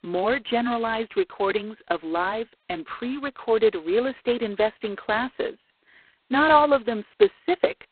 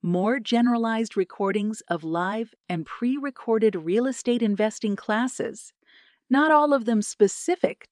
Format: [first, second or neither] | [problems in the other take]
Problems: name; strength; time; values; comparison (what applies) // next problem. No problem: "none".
second | phone-call audio; poor line; nothing above 4 kHz